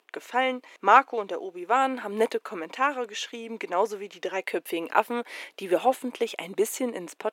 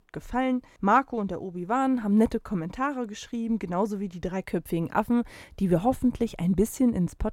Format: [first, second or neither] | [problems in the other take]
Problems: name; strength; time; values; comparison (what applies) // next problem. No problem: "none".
second | thin; very; fading below 350 Hz